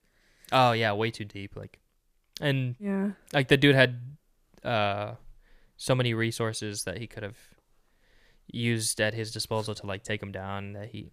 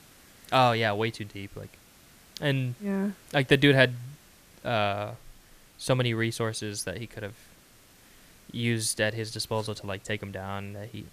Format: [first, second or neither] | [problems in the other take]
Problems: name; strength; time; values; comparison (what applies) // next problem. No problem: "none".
first | hiss; faint; throughout; 25 dB below the speech